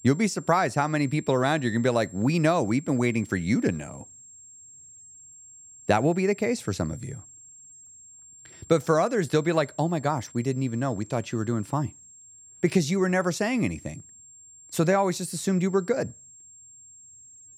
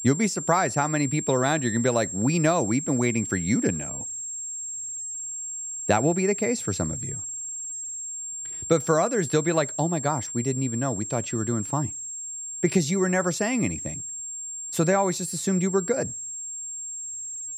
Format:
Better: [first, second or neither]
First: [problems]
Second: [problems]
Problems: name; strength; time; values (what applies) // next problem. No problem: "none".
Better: first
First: high-pitched whine; faint; throughout; 7.5 kHz, 20 dB below the speech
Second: high-pitched whine; loud; throughout; 7.5 kHz, 6 dB below the speech